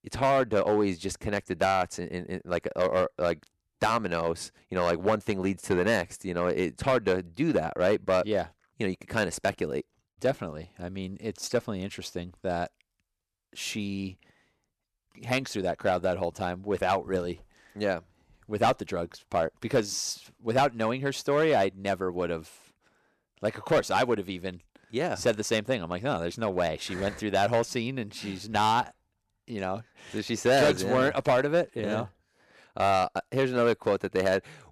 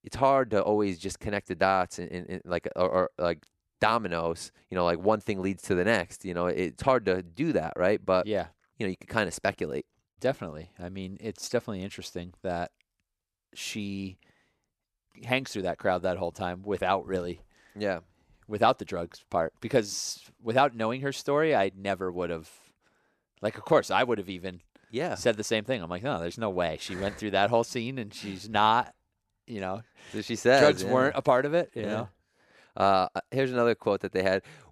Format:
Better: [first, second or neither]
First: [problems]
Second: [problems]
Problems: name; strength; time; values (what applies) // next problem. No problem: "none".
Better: second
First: distortion; slight; 3% of the sound clipped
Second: none